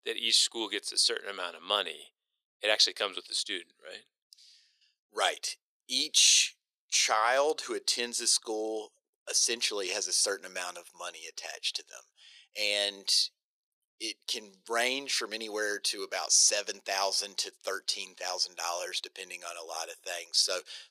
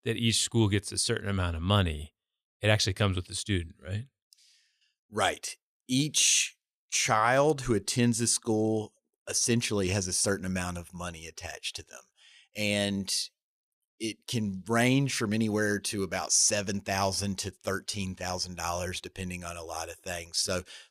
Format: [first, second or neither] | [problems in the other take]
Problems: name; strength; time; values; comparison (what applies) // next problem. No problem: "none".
second | thin; very; fading below 400 Hz